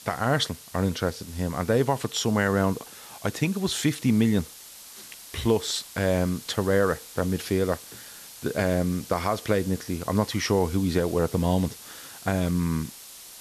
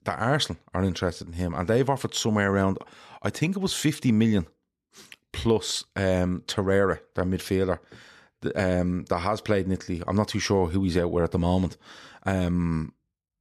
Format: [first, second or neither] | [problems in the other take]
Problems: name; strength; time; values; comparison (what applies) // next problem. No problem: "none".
second | hiss; noticeable; throughout; 15 dB below the speech